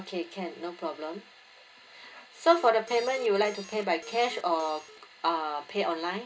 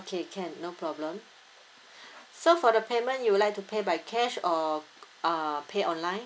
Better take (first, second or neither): second